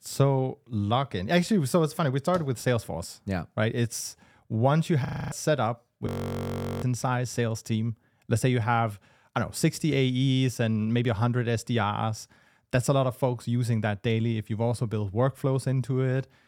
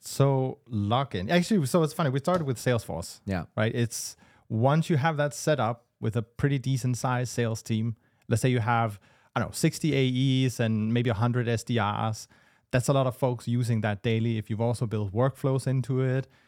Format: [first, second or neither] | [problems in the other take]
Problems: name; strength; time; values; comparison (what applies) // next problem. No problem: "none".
second | audio freezing; at 5 s and at 6 s for 1 s